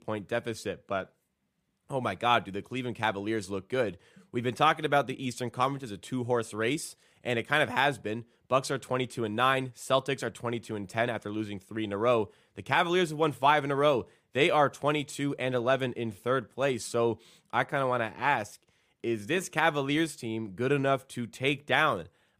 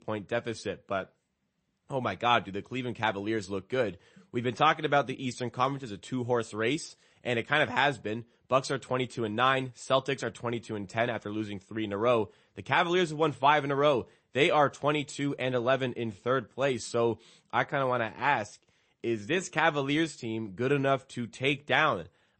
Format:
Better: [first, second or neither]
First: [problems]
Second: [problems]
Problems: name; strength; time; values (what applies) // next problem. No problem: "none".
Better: first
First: none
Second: garbled, watery; slightly; nothing above 8 kHz